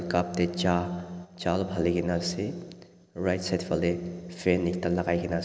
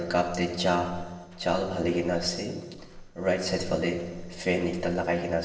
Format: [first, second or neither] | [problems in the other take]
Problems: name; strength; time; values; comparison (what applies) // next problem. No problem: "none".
first | background sound (Walk, footsteps); 17 dB below the speech // room echo; dies away in 0.8 s